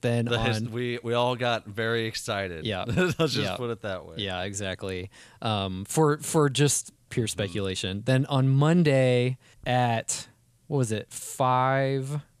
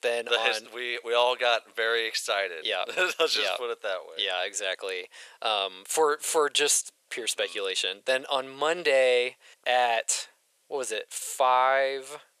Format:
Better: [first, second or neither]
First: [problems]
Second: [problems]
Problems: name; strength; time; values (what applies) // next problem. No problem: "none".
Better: first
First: none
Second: thin; very; fading below 500 Hz